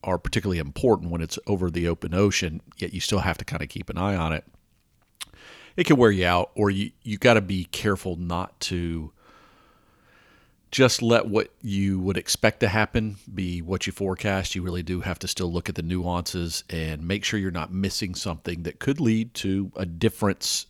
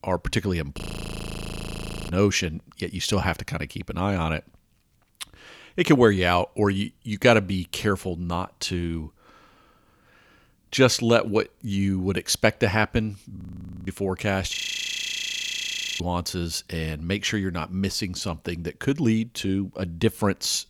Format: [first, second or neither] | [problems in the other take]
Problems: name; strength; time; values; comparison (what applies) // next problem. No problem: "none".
first | audio freezing; at 1 s for 1.5 s, at 13 s for 0.5 s and at 15 s for 1.5 s